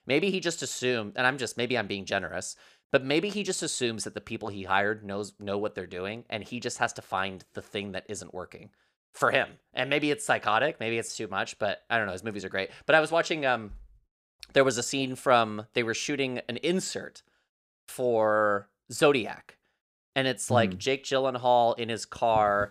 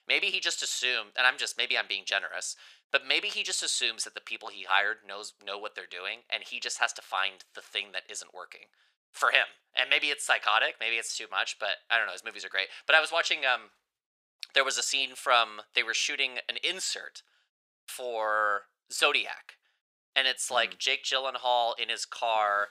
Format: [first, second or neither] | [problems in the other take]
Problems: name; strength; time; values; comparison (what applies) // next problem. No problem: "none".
first | thin; very; fading below 850 Hz